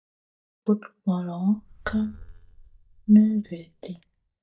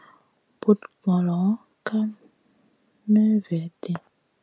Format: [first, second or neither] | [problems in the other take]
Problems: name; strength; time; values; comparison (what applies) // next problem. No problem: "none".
second | noise reduction (neural mask model DeepFilterNet 3)